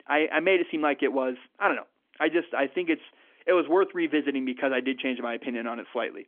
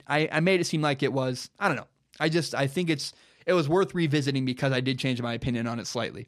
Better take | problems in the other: second | phone-call audio; nothing above 3.5 kHz

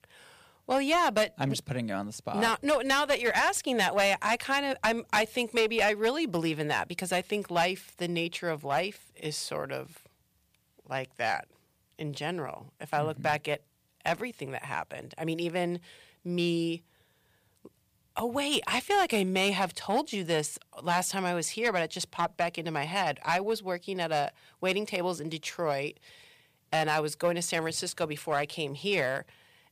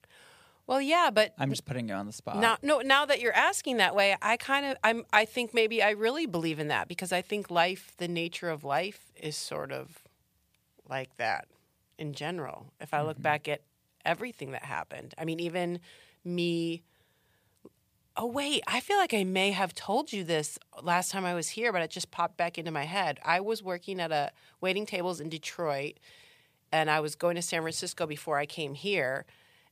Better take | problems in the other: second | distortion; slight; 3% of the sound clipped

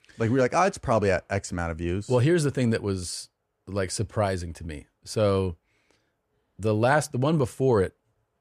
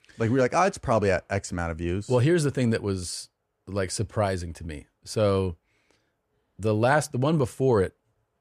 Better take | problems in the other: neither | none

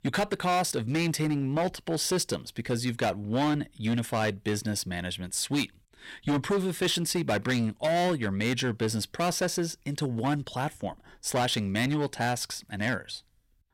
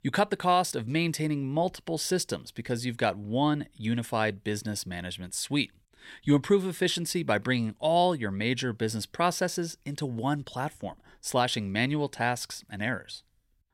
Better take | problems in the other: second | distortion; heavy; 11% of the sound clipped

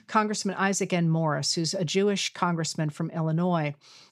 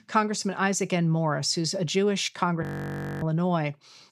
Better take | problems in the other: first | audio freezing; at 2.5 s for 0.5 s

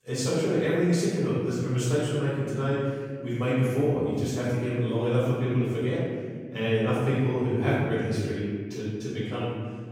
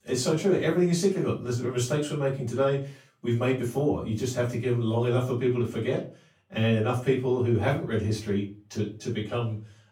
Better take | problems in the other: second | room echo; strong; dies away in 1.8 s; slight in the second // off-mic speech; far; far in the second

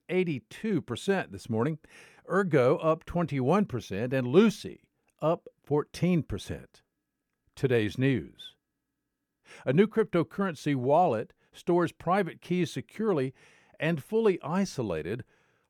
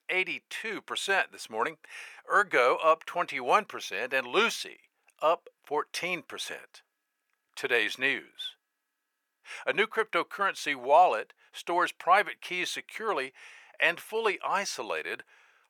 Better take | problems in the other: first | thin; very; fading below 900 Hz

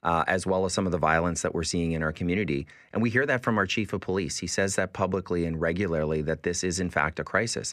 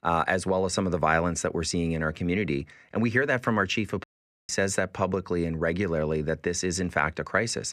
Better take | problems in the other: first | audio cutting out; at 4 s

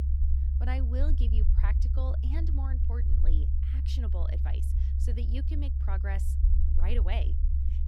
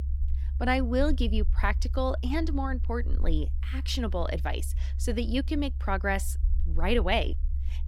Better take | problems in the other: second | low rumble; loud; throughout; 4 dB below the speech; faint in the second

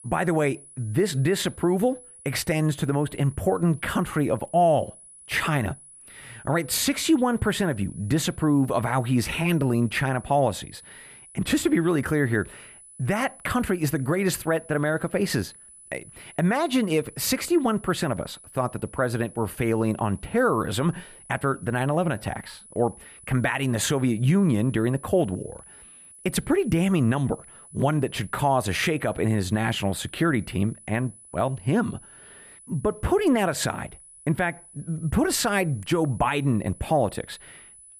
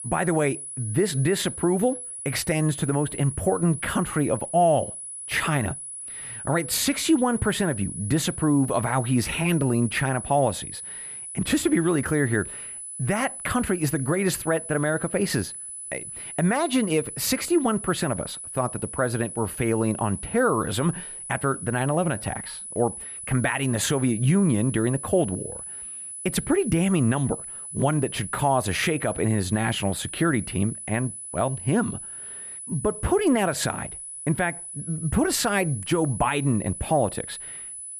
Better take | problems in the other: first | high-pitched whine; loud; throughout; 10 kHz, 9 dB below the speech; faint in the first

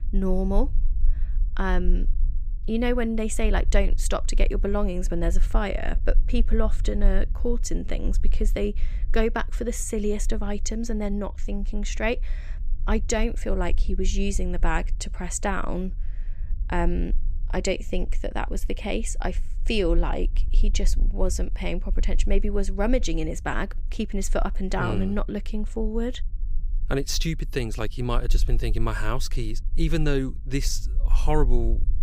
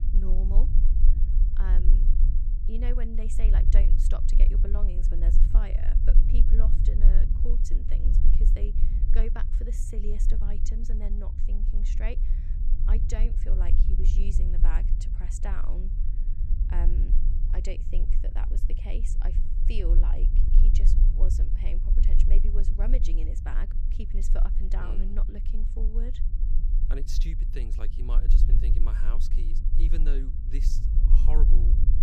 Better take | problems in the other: first | low rumble; loud; throughout; 4 dB below the speech; faint in the first

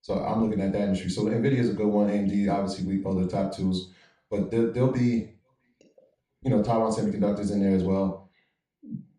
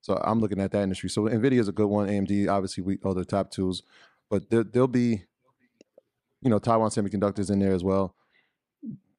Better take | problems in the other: second | room echo; noticeable; dies away in 0.3 s // off-mic speech; far

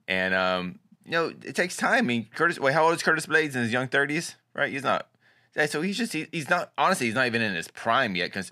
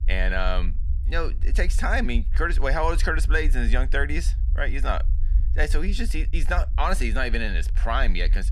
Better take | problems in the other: first | low rumble; faint; throughout; 20 dB below the speech

